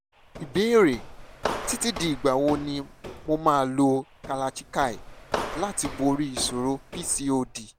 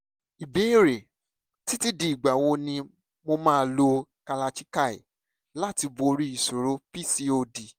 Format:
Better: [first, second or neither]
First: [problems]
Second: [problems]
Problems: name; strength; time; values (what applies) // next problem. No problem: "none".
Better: second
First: background sound (Walk, footsteps); 11 dB below the speech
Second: none